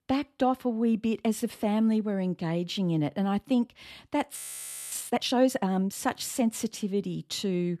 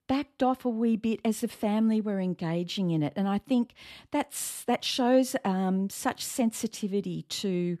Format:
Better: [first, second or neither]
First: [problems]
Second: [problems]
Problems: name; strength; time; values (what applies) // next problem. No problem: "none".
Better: second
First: audio freezing; at 4.5 s for 0.5 s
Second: none